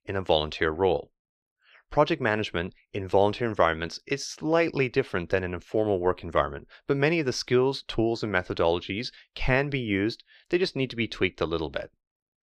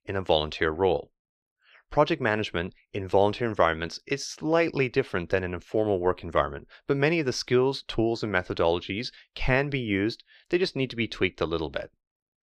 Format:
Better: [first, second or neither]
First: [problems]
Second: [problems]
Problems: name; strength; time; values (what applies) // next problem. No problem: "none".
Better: neither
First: none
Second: none